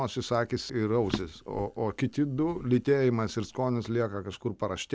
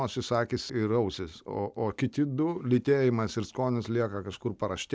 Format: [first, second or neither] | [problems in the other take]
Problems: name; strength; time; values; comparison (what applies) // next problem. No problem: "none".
second | background sound (Drawer open or close); 15 dB below the speech